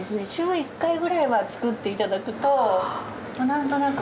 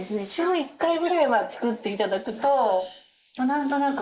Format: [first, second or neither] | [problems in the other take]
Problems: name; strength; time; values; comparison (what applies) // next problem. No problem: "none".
first | noise reduction (neural mask model Resemble Enhance denoiser)